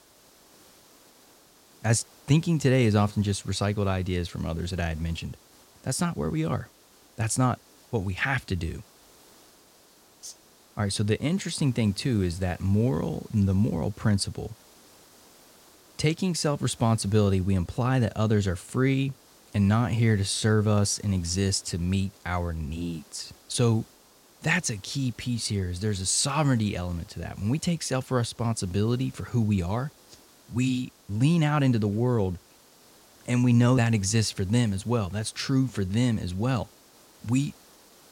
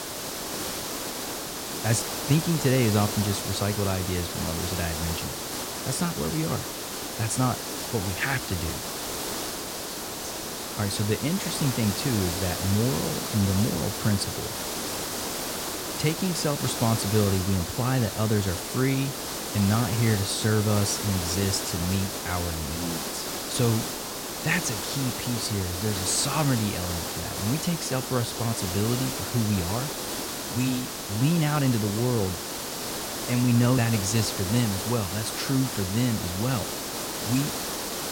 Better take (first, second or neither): first